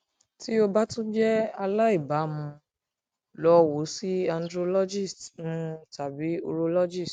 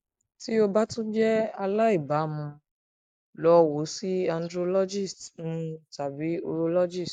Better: first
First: none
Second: noise reduction (neural mask model Resemble Enhance denoiser)

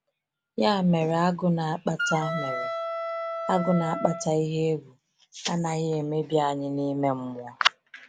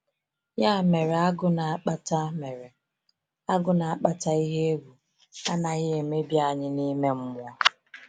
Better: second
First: background sound (Wind instrument, woodwind instrument); 5 dB below the speech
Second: none

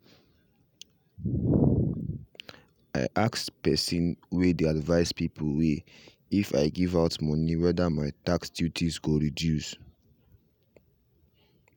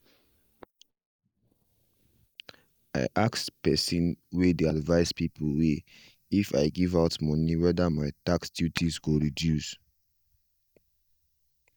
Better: first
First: none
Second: noise reduction (neural mask model DeepFilterNet 3)

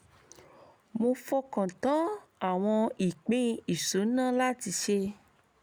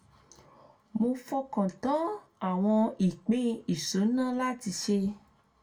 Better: first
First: none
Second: room echo; dies away in 0.2 s

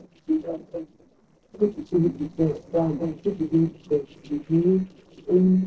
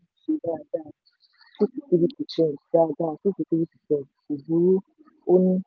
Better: second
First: noise reduction (neural separator model SepFormer DNS4)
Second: none

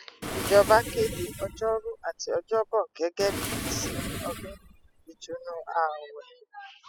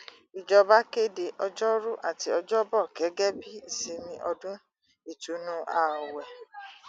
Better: second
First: noise reduction (classical method spectral subtraction)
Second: none

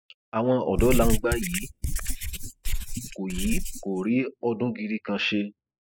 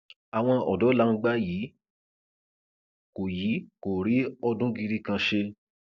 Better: second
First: noise reduction (classical method spectral subtraction)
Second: none

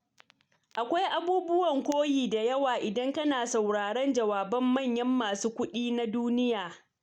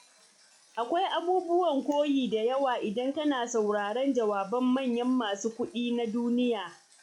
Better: first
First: none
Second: noise reduction (classical method log-MMSE)

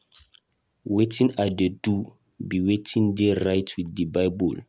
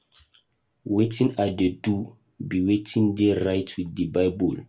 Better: first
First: none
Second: room echo; dies away in 0.2 s

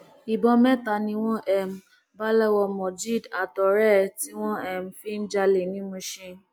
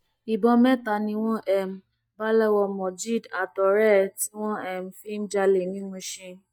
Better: first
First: none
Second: noise reduction (neural mask model DeepFilterNet 3)

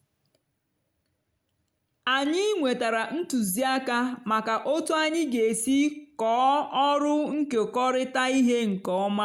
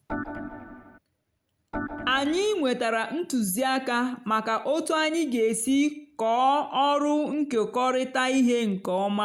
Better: first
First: none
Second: background sound (Organ); 10 dB below the speech

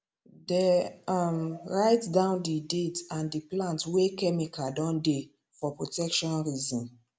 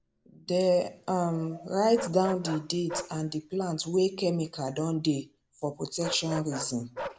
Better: first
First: none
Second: background sound (Bark); 14 dB below the speech

